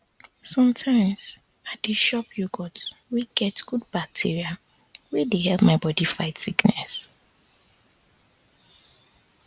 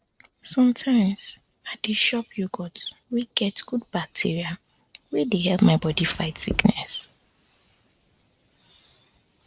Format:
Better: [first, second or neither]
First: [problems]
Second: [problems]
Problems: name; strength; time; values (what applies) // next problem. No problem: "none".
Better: first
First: none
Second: noise reduction (neural separator model SepFormer DNS4)